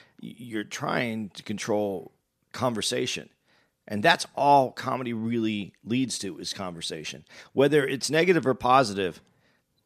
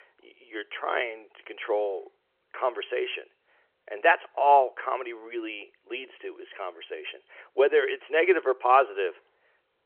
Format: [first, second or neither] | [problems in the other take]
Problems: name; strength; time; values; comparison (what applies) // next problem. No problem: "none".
first | phone-call audio; nothing above 3 kHz